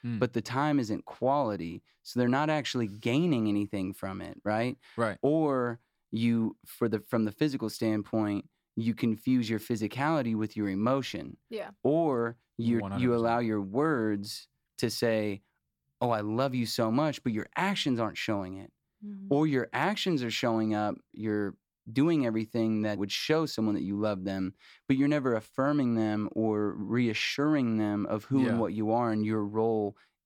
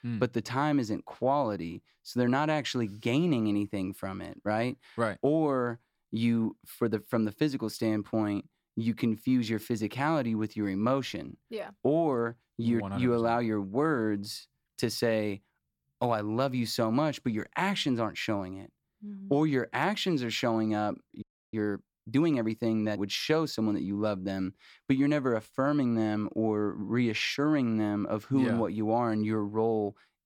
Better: first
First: none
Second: audio freezing; at 21 s

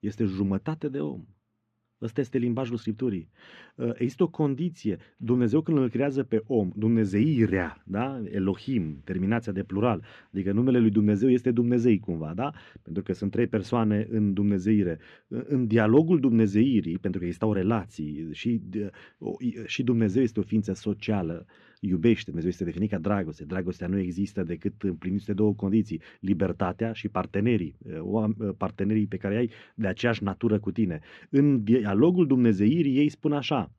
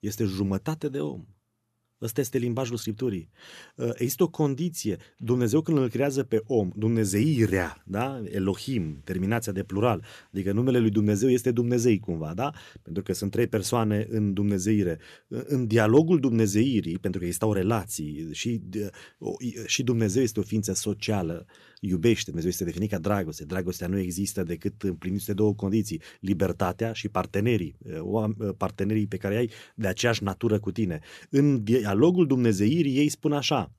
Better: second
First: muffled; slightly; fading above 2.5 kHz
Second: none

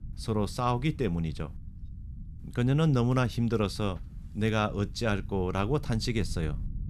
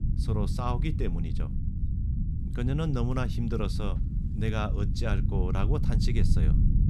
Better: first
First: low rumble; faint; throughout; 25 dB below the speech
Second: low rumble; loud; throughout; 7 dB below the speech

